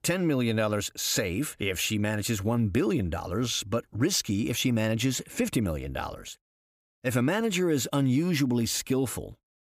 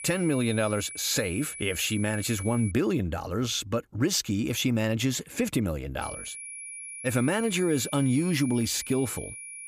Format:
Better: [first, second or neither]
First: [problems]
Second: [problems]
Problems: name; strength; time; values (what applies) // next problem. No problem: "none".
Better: first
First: none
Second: high-pitched whine; noticeable; until 2.5 s and from 6 s on; 10.5 kHz, 10 dB below the speech